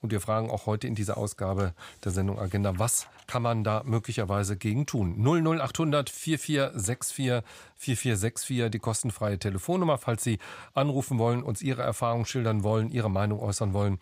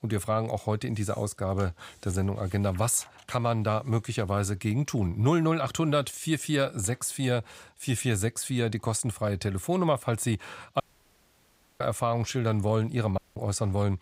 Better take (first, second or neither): first